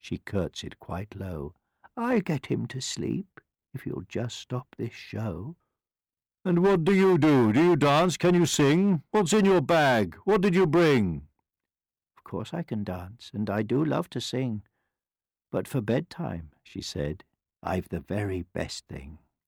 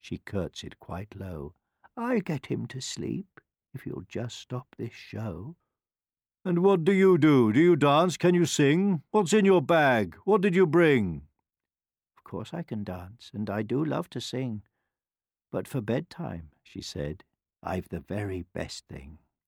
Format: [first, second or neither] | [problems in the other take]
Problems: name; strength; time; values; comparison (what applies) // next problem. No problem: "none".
second | distortion; slight; 6% of the sound clipped